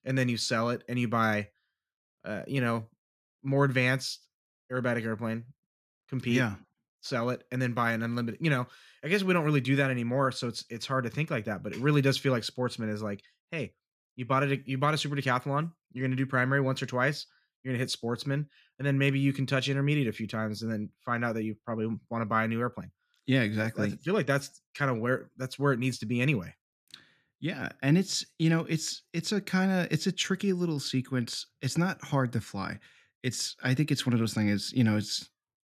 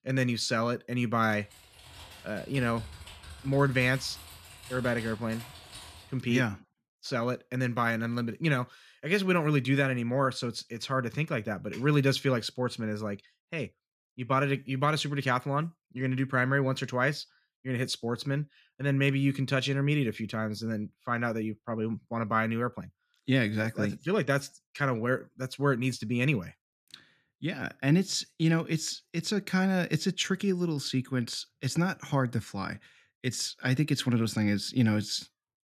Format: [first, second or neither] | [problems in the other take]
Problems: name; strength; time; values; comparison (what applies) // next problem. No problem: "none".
first | keyboard typing; faint; from 1.5 to 6 s; peak 15 dB below the speech